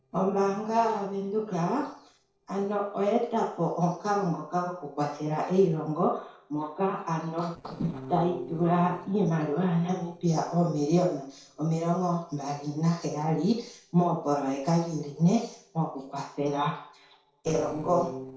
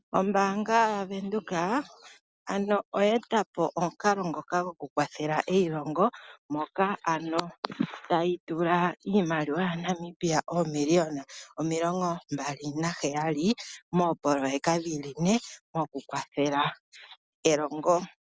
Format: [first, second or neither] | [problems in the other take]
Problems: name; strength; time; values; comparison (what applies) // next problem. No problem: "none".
second | noise reduction (neural separator model SepFormer DNS4)